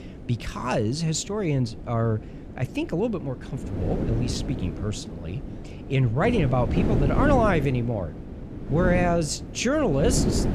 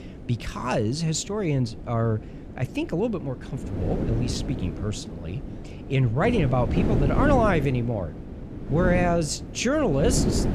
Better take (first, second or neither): neither